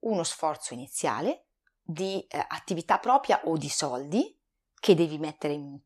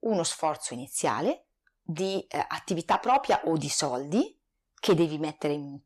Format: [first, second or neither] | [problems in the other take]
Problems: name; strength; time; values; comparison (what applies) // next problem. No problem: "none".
first | distortion; slight; 10 dB below the speech